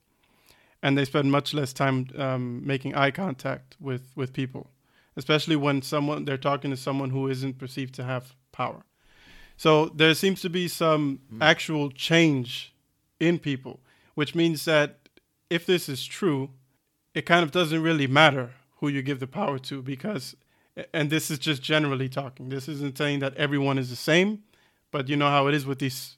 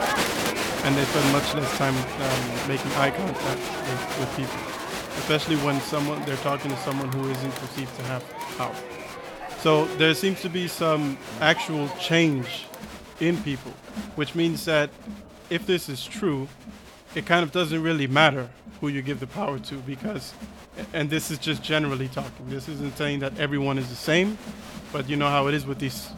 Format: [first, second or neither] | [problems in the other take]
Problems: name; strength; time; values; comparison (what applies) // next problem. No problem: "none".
first | crowd noise; loud; throughout; 7 dB below the speech